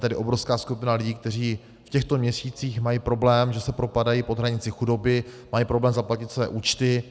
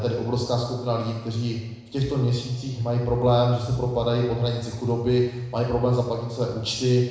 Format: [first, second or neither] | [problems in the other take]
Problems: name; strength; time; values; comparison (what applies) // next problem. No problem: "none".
first | room echo; dies away in 1 s